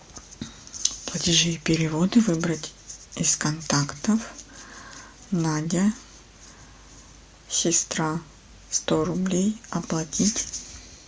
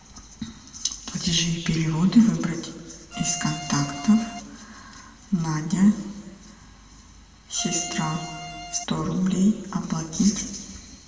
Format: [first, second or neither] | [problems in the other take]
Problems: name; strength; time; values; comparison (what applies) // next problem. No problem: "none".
first | background sound (Bowed string instrument); 11 dB below the speech // room echo; dies away in 1.7 s